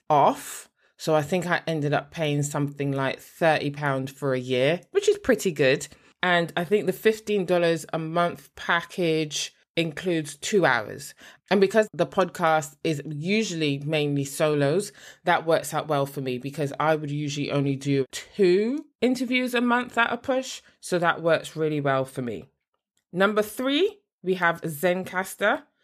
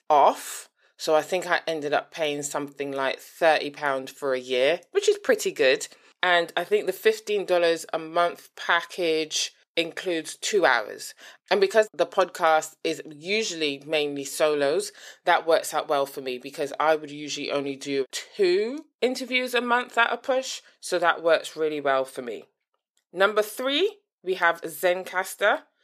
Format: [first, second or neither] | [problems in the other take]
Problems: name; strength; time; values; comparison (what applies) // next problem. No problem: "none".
first | thin; somewhat; fading below 450 Hz